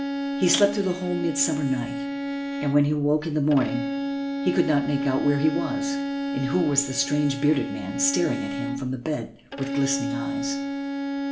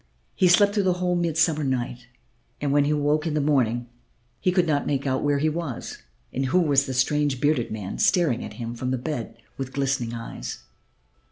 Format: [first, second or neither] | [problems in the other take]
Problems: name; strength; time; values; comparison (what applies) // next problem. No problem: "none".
second | background sound (Bowed string instrument); 4 dB below the speech // room echo; dies away in 0.5 s